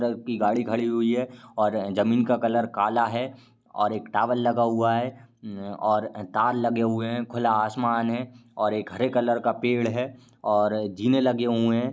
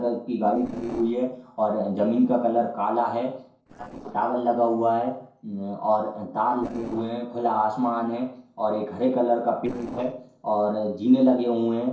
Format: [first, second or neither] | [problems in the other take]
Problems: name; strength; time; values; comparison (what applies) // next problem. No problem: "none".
first | noise reduction (neural separator model SepFormer DNS4)